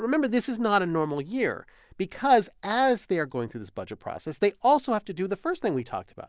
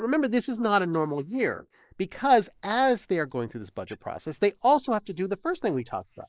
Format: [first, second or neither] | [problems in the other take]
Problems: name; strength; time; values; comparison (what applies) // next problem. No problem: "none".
first | noise reduction (neural mask model Resemble Enhance denoiser)